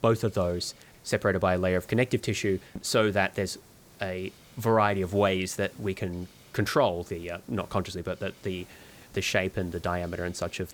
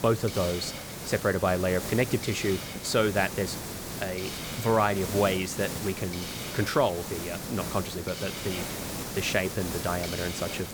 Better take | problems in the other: first | hiss; loud; throughout; 6 dB below the speech; faint in the first

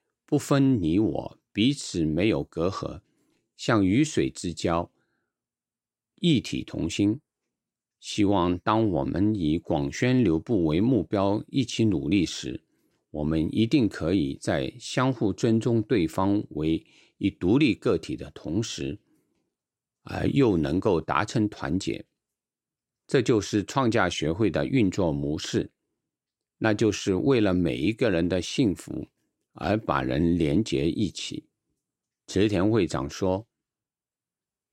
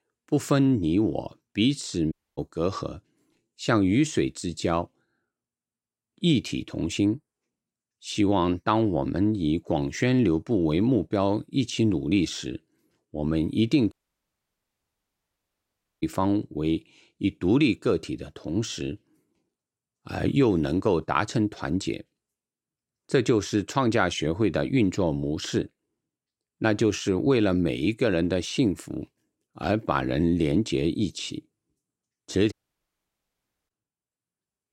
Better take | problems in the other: first | audio cutting out; at 2 s, at 14 s for 2 s and at 33 s for 1 s

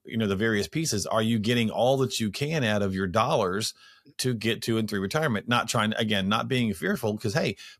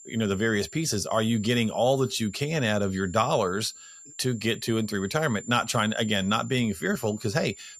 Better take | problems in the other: first | high-pitched whine; noticeable; throughout; 7 kHz, 20 dB below the speech

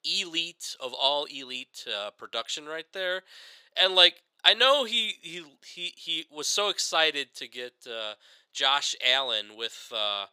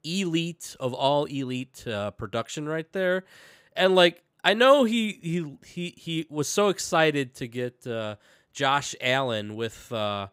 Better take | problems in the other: second | thin; somewhat; fading below 550 Hz

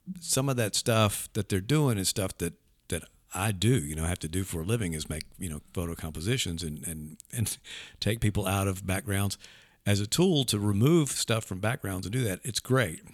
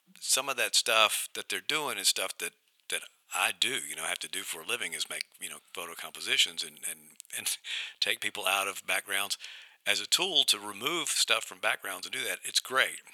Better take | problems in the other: first | thin; very; fading below 800 Hz

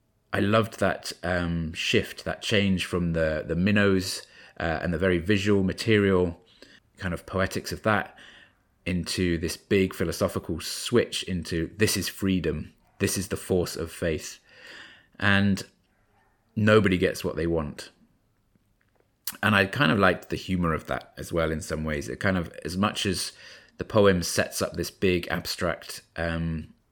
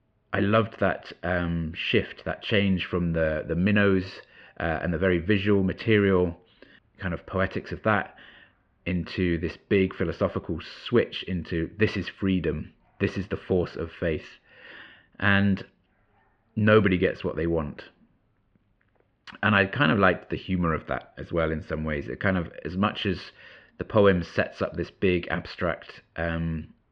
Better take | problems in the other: first | muffled; slightly; fading above 3 kHz

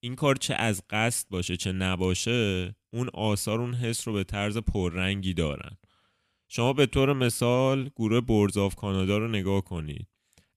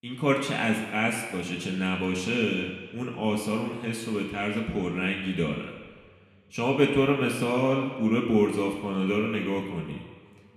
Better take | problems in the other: first | room echo; noticeable; dies away in 1.6 s // off-mic speech; somewhat distant

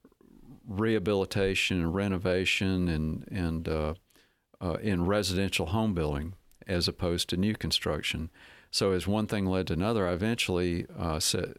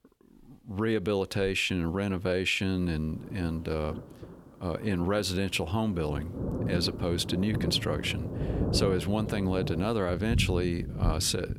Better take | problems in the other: first | rain or running water; loud; from 3 s on; 4 dB below the speech

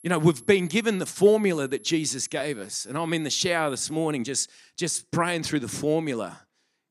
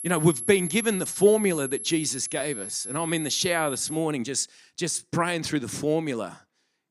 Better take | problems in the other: first | high-pitched whine; loud; until 4 s; 11 kHz, 7 dB below the speech; faint in the first

